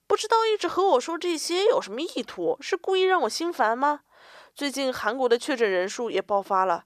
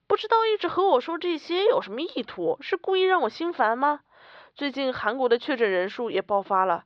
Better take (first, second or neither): first